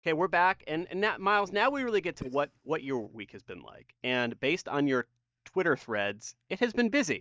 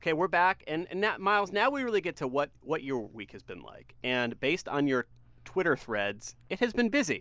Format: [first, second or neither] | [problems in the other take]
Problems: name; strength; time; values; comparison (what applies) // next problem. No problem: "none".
second | noise reduction (neural mask model DeepFilterNet 3)